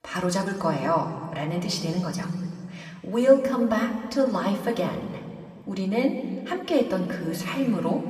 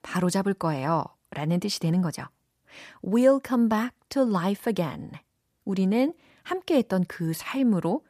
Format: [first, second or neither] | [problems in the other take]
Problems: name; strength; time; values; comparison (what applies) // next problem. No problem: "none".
second | room echo; slight; dies away in 2.1 s // off-mic speech; somewhat distant